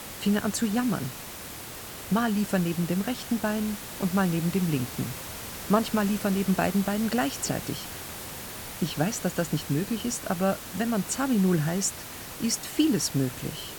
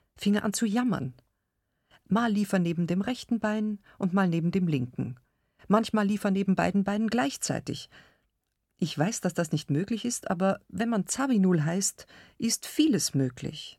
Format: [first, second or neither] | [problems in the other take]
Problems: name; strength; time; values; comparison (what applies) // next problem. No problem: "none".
second | hiss; loud; throughout; 9 dB below the speech